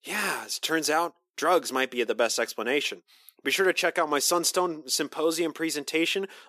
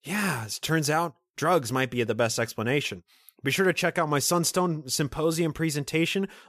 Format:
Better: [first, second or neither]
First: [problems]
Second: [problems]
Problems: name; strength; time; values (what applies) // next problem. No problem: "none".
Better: second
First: thin; somewhat; fading below 300 Hz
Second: none